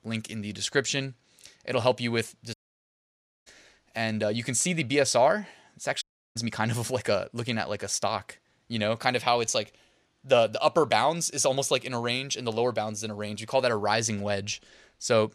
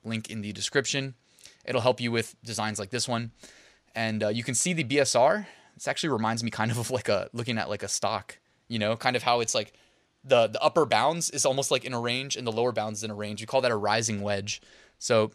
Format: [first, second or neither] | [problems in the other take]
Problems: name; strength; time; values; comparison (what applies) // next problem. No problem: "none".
second | audio cutting out; at 2.5 s for 1 s and at 6 s